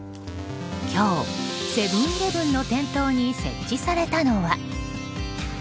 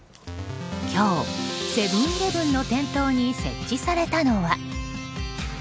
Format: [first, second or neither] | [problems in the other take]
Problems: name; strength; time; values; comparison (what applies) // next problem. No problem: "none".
second | background sound (Bowed string instrument); 15 dB below the speech